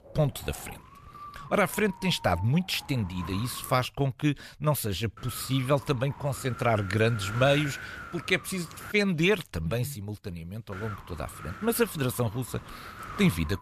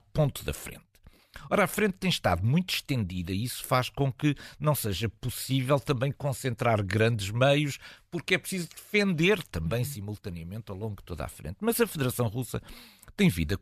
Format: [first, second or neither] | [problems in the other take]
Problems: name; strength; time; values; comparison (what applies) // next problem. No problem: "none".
second | wind noise on the microphone; occasional gusts; until 4 s, from 5 to 9 s and from 11 s on; 10 dB below the speech